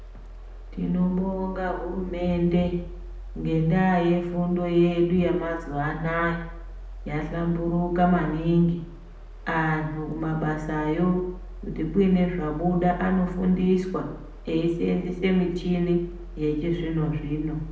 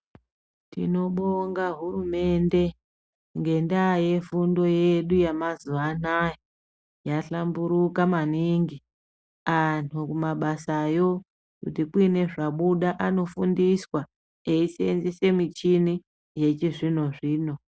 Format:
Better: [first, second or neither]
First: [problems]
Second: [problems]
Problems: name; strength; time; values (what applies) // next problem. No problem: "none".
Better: second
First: background sound (Mechanisms); 13 dB below the speech // room echo; dies away in 0.7 s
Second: none